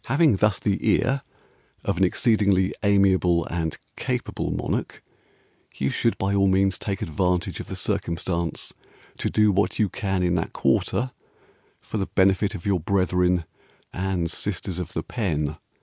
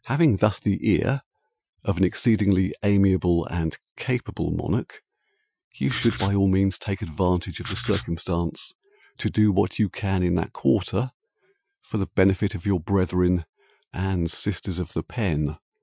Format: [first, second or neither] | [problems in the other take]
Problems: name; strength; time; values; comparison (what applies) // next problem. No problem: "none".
first | noise reduction (classical method Wiener filter)